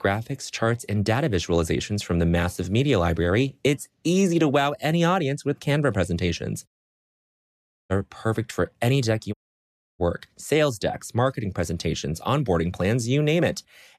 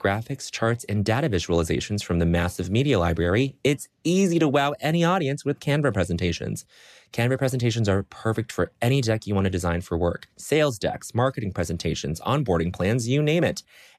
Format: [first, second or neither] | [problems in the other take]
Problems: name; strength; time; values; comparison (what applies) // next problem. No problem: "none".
second | audio cutting out; at 6.5 s for 1 s and at 9.5 s for 0.5 s